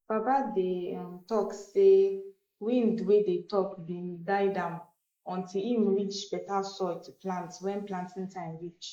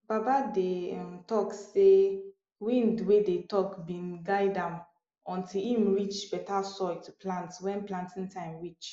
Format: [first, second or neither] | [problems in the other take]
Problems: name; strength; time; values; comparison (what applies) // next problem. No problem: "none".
second | noise reduction (neural mask model Resemble Enhance denoiser)